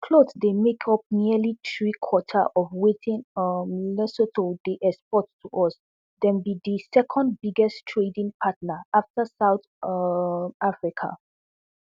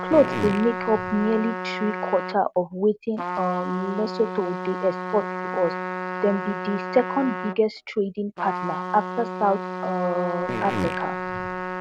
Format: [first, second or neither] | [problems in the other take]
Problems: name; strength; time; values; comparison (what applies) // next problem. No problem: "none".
first | background sound (Trumpet + Fart); 5 dB below the speech